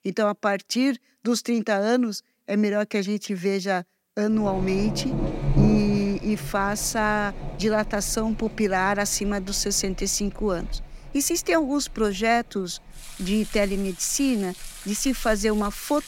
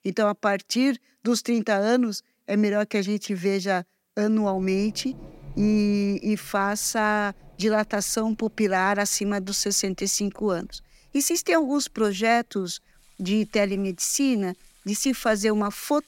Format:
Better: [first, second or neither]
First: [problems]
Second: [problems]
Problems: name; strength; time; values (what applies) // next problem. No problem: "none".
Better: second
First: rain or running water; loud; from 4.5 s on; 9 dB below the speech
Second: rain or running water; faint; from 4.5 s on; 25 dB below the speech